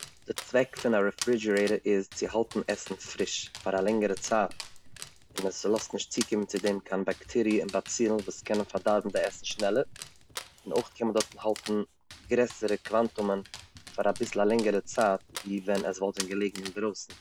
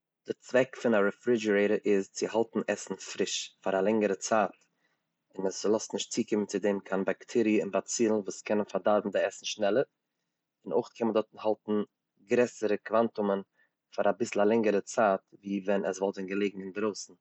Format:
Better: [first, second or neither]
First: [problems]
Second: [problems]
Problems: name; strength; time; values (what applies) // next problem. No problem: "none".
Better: second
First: background sound (Dog); 15 dB below the speech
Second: none